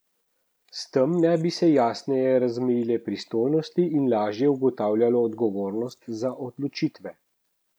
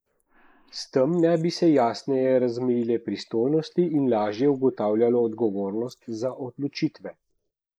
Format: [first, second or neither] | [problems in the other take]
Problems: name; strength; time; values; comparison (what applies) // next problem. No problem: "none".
first | noise reduction (neural mask model Resemble Enhance denoiser)